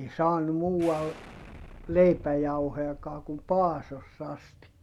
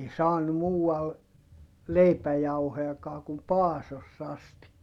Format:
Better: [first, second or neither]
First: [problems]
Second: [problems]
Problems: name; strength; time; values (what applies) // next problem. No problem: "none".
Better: second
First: background sound (Explosion); 18 dB below the speech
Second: none